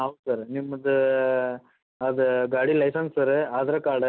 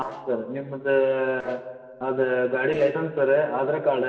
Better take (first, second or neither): first